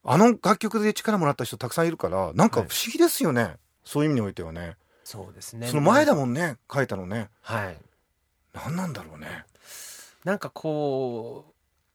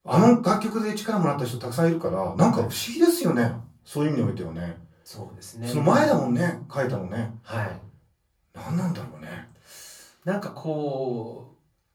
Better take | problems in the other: first | off-mic speech; far // room echo; very slight; dies away in 0.3 s

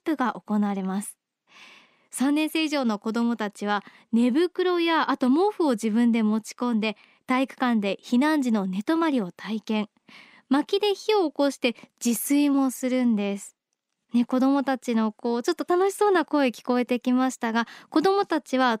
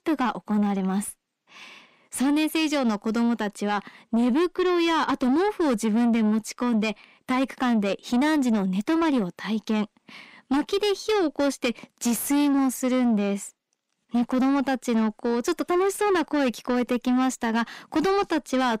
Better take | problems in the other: first | distortion; slight; 10 dB below the speech

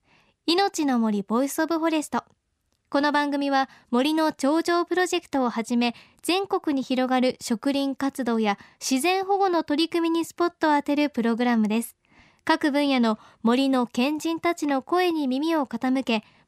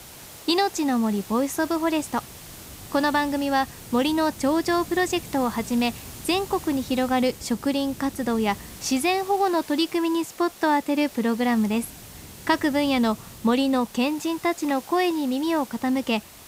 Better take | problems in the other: first | hiss; noticeable; throughout; 15 dB below the speech

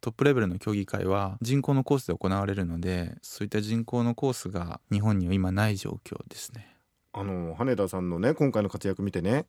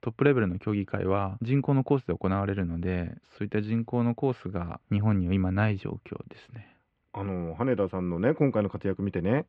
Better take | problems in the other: first | muffled; very; fading above 2.5 kHz

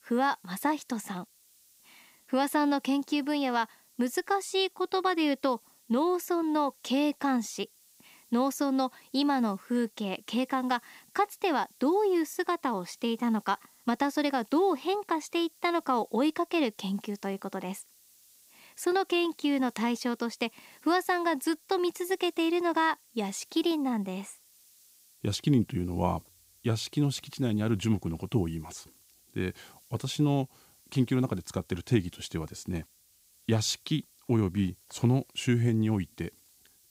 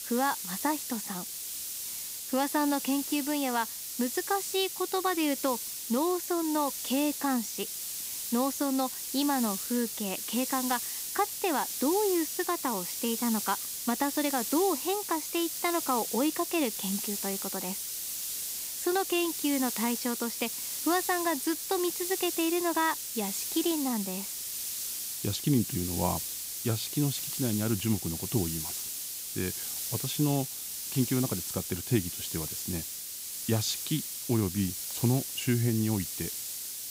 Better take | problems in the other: first | hiss; loud; throughout; 3 dB below the speech; faint in the first

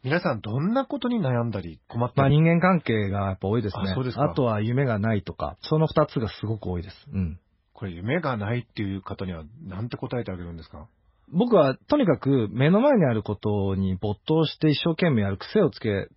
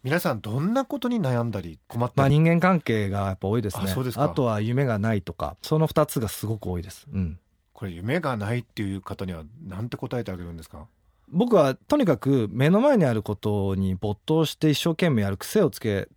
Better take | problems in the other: second | garbled, watery; badly; nothing above 5.5 kHz

